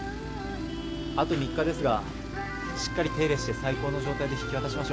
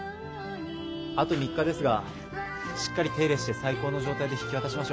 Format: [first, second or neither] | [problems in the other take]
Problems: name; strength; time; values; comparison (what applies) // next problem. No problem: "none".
second | background sound (Tools); 7 dB below the speech